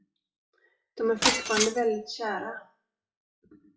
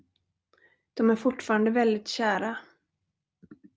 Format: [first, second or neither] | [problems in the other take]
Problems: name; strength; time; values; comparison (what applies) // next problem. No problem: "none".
second | noise reduction (classical method WPE with log-MMSE)